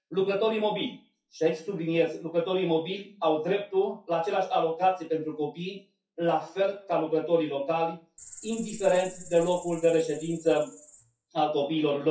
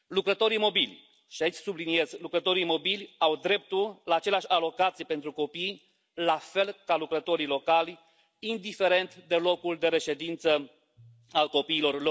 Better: second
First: noise reduction (classical method WPE with log-MMSE)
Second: none

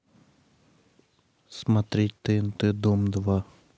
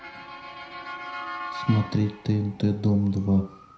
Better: first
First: none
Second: background sound (Motor vehicle (road) / Siren); 13 dB below the speech // room echo; dies away in 0.5 s

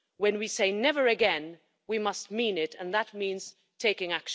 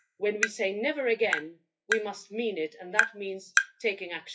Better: first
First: none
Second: noise reduction (classical method WPE with log-MMSE)

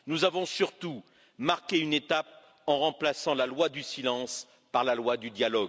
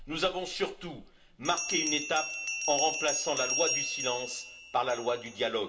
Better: first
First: none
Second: background sound (Bell); 4 dB below the speech // room echo; dies away in 0.4 s

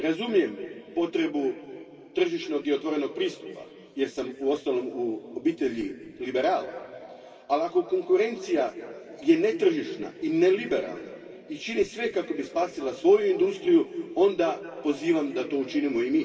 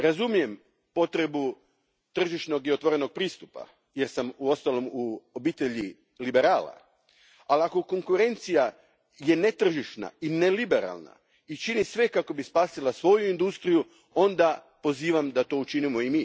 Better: second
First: room echo; dies away in 3 s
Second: none

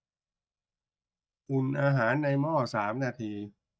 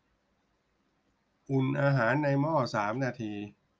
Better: second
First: noise reduction (neural mask model DeepFilterNet 3)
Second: none

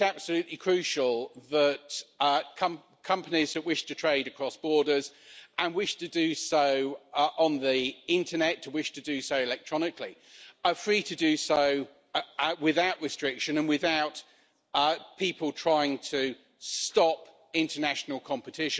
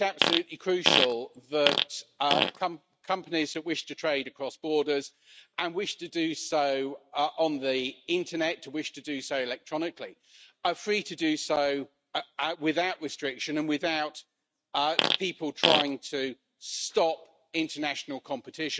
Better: first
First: none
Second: noise reduction (neural mask model RNNoise)

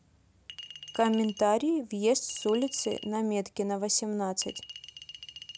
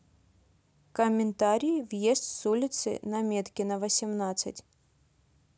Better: second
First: background sound (Chink, clink); 17 dB below the speech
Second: none

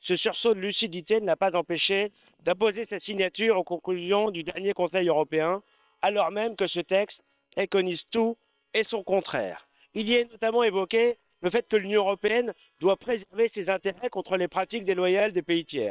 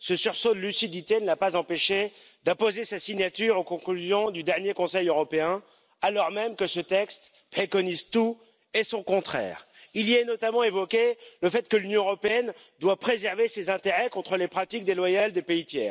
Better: second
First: noise reduction (neural separator model SepFormer WHAM!)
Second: none

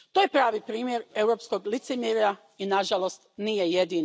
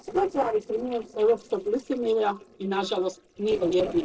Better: first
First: none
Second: noise reduction (neural separator model SepFormer DNS4)

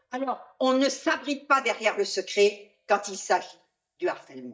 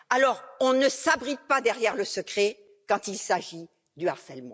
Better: second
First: noise reduction (neural mask model DeepFilterNet 3)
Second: none

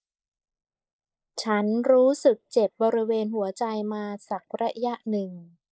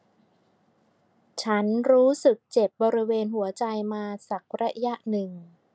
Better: second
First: noise reduction (neural mask model Resemble Enhance denoiser)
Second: none

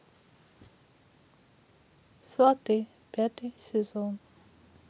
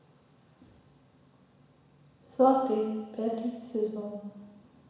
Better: first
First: none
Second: room echo; dies away in 1.1 s

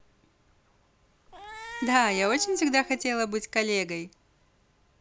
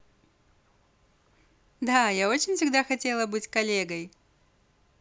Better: second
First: background sound (Cat); 13 dB below the speech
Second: none

